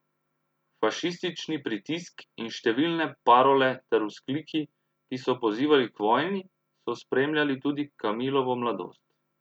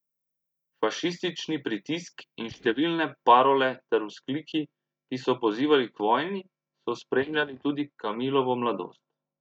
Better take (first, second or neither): first